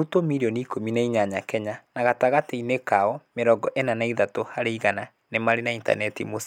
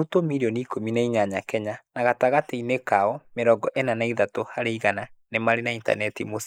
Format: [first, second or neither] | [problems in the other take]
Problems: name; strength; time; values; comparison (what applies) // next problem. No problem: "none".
first | noise reduction (neural mask model Resemble Enhance denoiser)